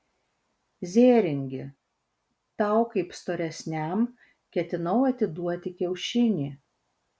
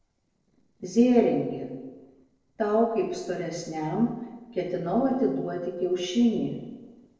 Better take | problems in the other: first | noise reduction (neural separator model SepFormer DNS4)

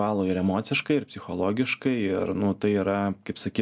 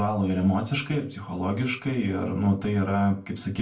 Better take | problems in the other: first | room echo; dies away in 0.3 s

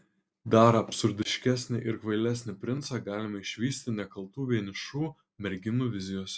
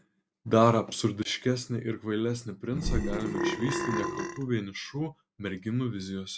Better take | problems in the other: first | background sound (Burping, eructation); 1 dB below the speech

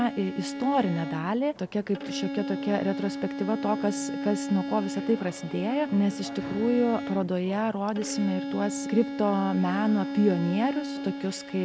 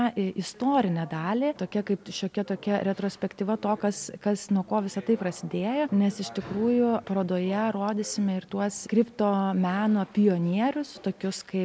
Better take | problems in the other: second | background sound (Bowed string instrument); 7 dB below the speech

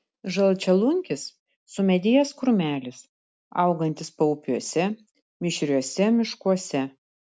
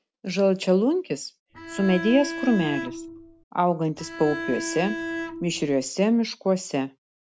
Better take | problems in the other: first | background sound (Bowed string instrument); 8 dB below the speech

